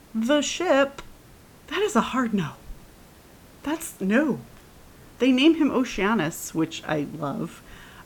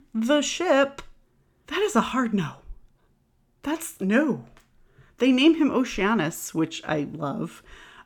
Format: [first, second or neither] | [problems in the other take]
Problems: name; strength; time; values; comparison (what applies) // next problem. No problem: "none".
second | hiss; faint; throughout; 25 dB below the speech